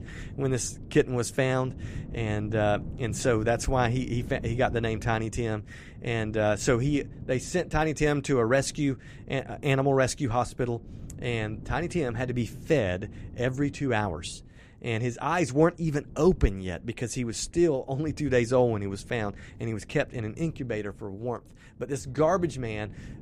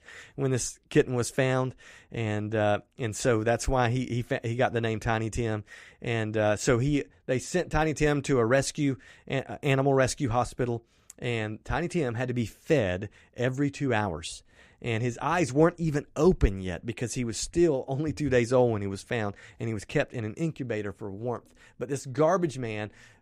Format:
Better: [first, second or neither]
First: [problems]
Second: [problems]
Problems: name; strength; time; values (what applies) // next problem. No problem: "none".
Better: second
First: wind noise on the microphone; occasional gusts; 25 dB below the speech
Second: none